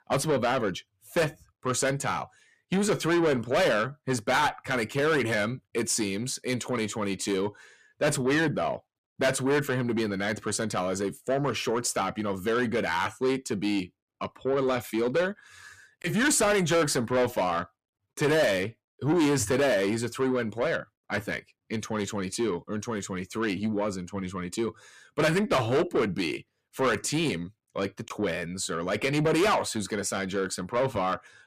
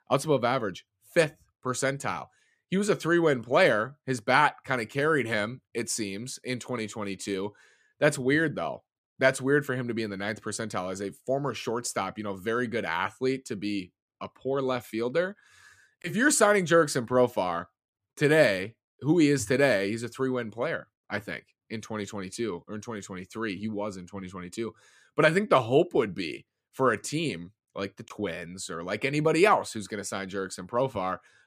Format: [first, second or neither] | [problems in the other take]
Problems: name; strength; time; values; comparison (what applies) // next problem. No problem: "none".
second | distortion; heavy; 6 dB below the speech